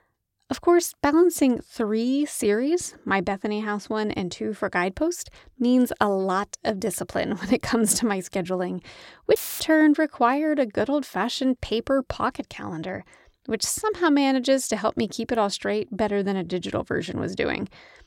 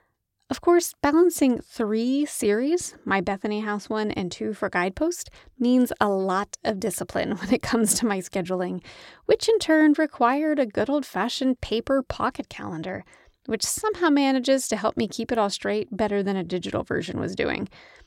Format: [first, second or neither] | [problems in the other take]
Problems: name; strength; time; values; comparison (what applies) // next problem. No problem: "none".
second | audio cutting out; filled with static; at 9.5 s